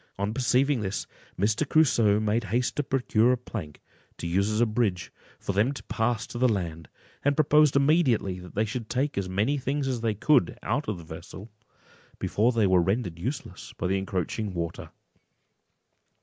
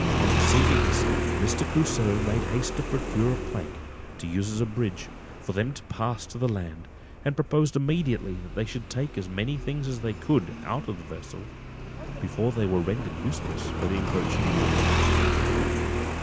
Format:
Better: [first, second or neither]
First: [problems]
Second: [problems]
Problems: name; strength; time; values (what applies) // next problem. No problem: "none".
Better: first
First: none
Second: background sound (Motorcycle); as loud as the speech